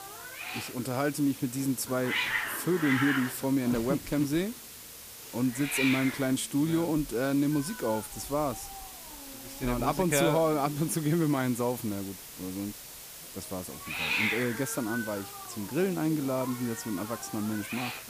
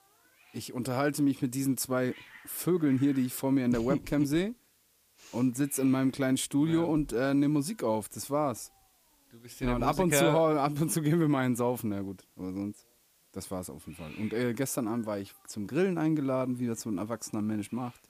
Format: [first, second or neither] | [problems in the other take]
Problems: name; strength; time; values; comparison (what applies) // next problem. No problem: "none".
second | hiss; loud; throughout; 6 dB below the speech; faint in the second